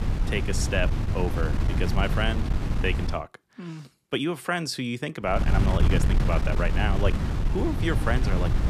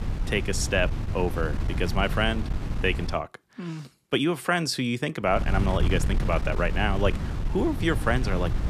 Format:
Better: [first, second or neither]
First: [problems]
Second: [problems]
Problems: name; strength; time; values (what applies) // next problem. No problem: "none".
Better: second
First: wind noise on the microphone; heavy; until 3 s and from 5.5 s on; 6 dB below the speech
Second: wind noise on the microphone; occasional gusts; until 3 s and from 5.5 s on; 10 dB below the speech